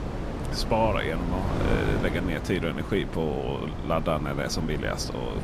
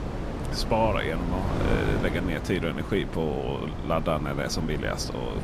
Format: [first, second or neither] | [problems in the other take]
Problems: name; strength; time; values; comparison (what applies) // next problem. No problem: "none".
neither | wind noise on the microphone; heavy; 7 dB below the speech; the same in both